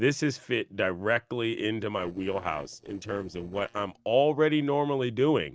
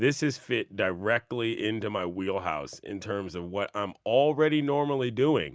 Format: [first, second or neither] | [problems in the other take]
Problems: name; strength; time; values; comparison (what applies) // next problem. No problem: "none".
second | noise reduction (neural separator model SepFormer DNS4)